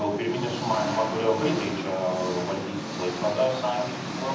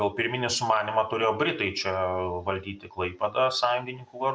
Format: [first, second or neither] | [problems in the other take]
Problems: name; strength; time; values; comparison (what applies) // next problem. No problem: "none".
second | background sound (Engine); 5 dB below the speech // room echo; dies away in 0.8 s